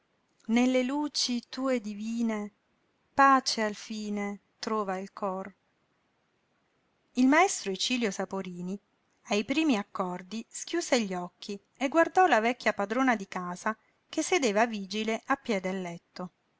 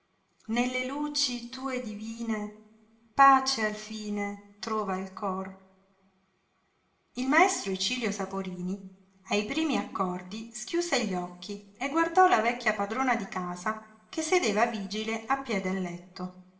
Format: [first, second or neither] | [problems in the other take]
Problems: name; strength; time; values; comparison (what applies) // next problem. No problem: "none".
first | room echo; dies away in 0.8 s